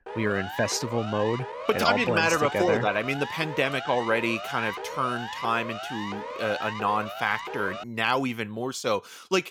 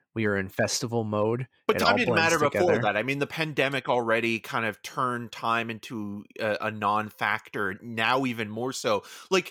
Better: second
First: siren; noticeable; until 8 s; peak 8 dB below the speech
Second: none

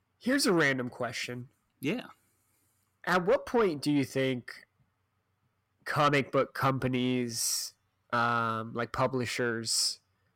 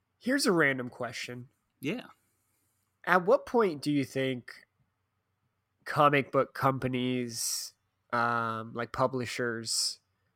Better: second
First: distortion; slight; 10 dB below the speech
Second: none

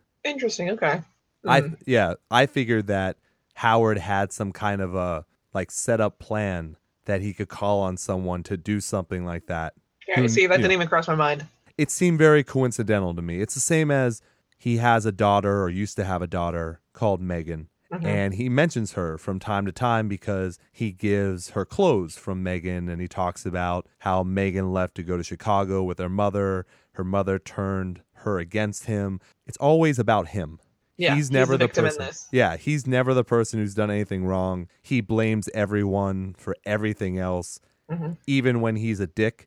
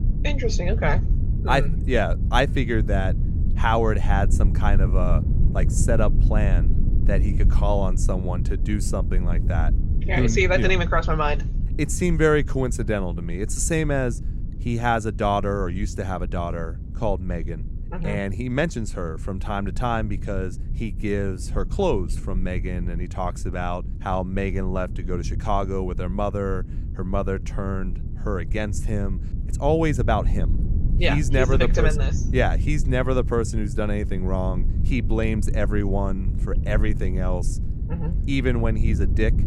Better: first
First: none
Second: low rumble; noticeable; throughout; 15 dB below the speech

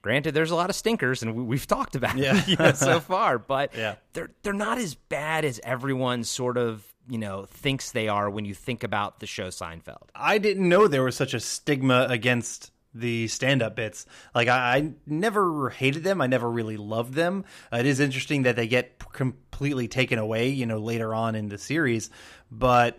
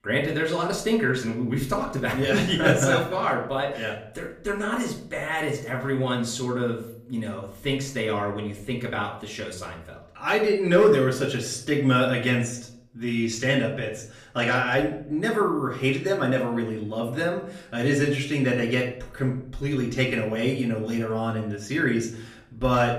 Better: first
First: none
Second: off-mic speech; far // room echo; slight; dies away in 0.5 s

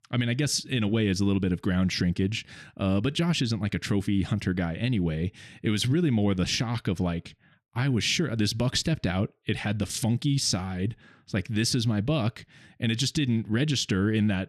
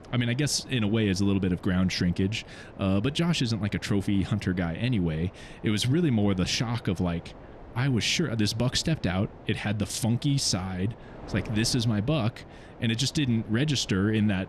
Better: first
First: none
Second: wind noise on the microphone; occasional gusts; 20 dB below the speech

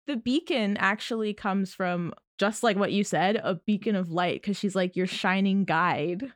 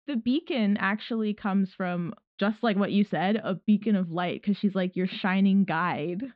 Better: first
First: none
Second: muffled; very slightly; fading above 4 kHz

